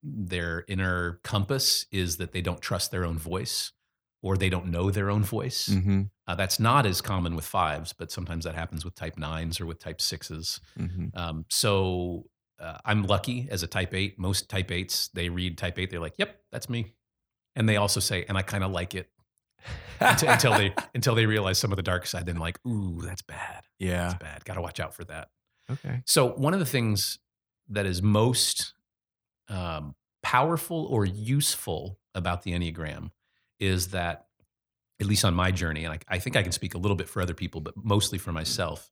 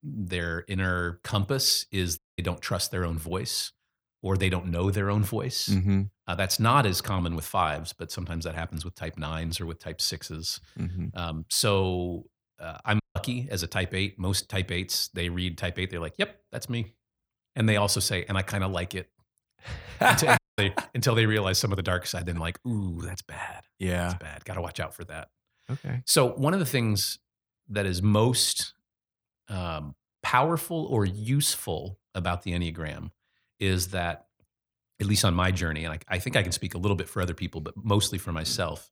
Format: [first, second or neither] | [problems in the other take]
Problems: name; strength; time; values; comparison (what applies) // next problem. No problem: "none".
first | audio cutting out; at 2 s, at 13 s and at 20 s